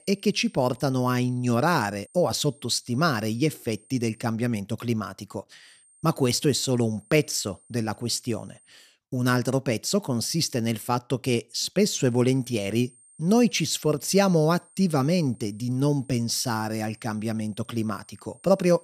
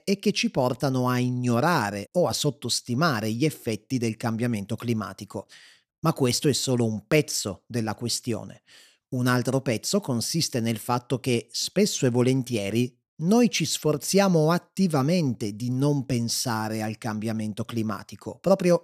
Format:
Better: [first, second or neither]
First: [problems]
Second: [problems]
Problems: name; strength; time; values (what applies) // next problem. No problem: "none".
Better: second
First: high-pitched whine; faint; until 4.5 s, from 5.5 to 8.5 s and from 12 s on; 8.5 kHz, 30 dB below the speech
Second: none